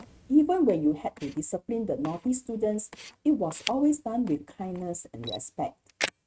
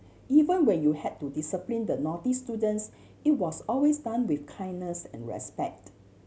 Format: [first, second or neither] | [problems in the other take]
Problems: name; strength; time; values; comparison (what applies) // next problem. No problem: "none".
second | noise reduction (neural mask model RNNoise)